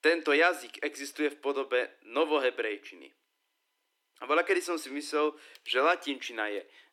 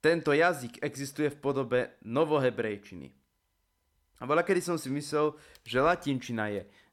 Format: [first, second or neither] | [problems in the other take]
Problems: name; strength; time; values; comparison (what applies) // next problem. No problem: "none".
second | thin; somewhat; fading below 300 Hz